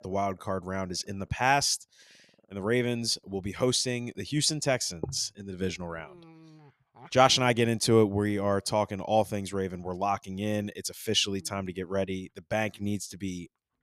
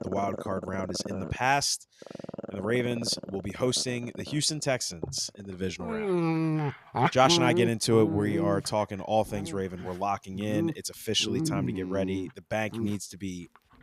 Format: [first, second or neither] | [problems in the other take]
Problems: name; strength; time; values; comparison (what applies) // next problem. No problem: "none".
first | animal sounds; loud; throughout; 4 dB below the speech; faint in the first